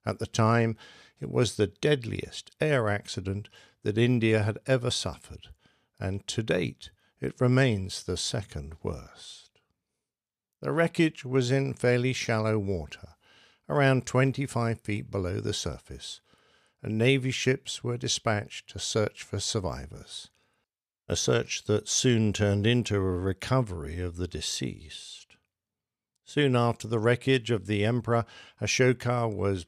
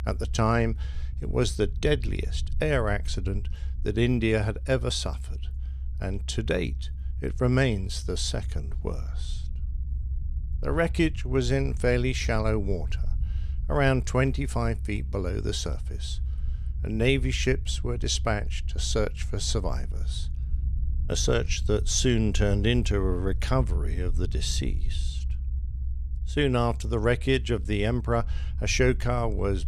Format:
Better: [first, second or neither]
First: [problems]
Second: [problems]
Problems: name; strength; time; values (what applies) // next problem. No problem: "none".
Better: first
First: none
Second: low rumble; faint; throughout; 25 dB below the speech